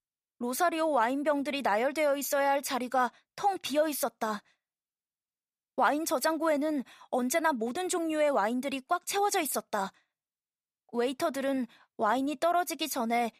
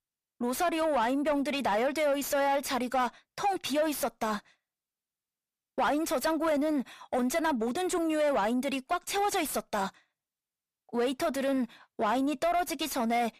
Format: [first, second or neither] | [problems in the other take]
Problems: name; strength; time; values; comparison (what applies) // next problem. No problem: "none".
first | distortion; slight; 10 dB below the speech